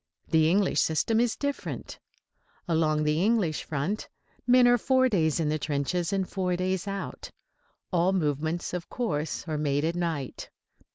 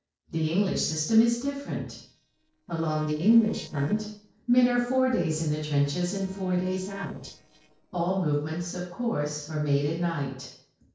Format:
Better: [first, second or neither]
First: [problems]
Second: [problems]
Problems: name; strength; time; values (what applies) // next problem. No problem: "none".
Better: first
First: none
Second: noise reduction (neural separator model SepFormer DNS4)